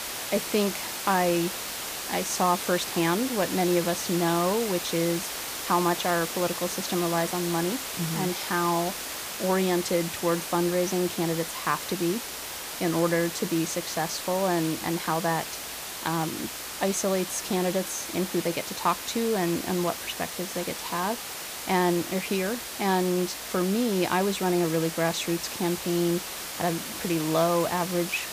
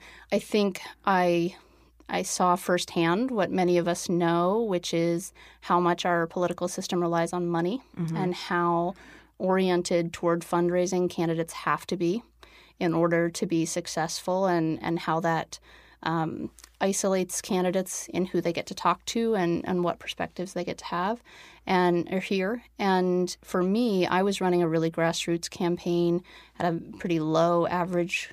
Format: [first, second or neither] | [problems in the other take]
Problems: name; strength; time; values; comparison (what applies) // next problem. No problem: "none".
second | hiss; loud; throughout; 5 dB below the speech